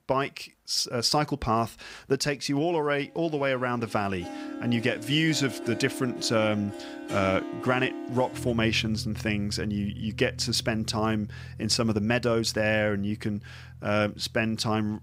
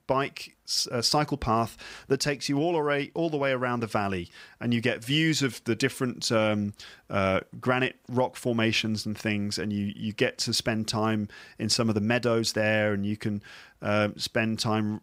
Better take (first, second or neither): second